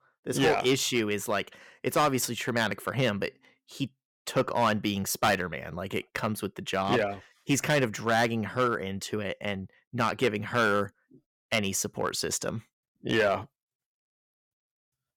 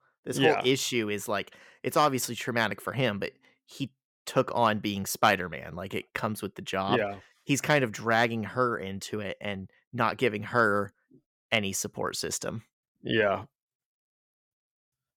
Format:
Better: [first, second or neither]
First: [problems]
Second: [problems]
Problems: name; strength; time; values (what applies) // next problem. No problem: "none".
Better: second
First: distortion; slight; 3% of the sound clipped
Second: none